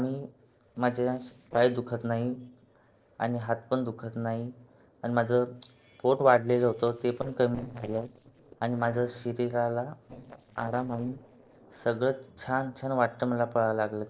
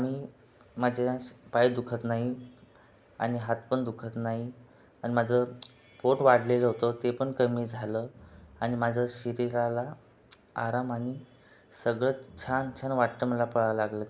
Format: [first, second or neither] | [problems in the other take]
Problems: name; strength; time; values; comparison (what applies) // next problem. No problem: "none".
second | noise reduction (neural separator model SepFormer DNS4)